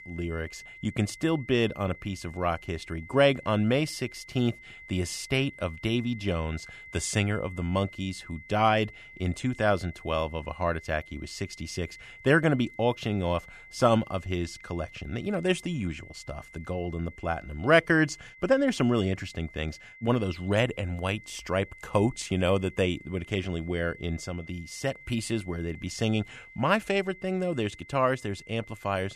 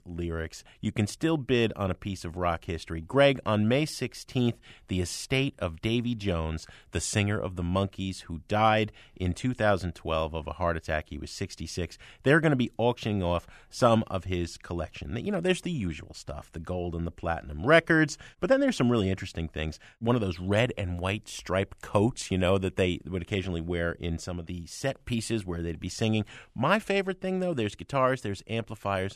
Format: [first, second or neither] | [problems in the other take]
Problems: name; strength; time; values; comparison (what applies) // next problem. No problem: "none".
second | high-pitched whine; noticeable; throughout; 2 kHz, 20 dB below the speech